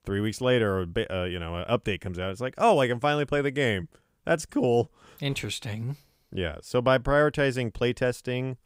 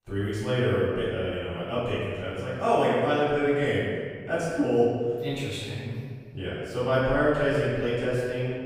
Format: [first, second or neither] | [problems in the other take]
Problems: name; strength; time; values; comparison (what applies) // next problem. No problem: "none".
first | off-mic speech; far // room echo; strong; dies away in 1.7 s